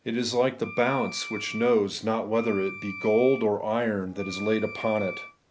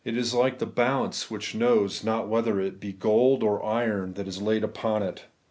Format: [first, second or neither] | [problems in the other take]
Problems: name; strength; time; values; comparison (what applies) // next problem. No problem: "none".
second | background sound (Wind instrument, woodwind instrument); 13 dB below the speech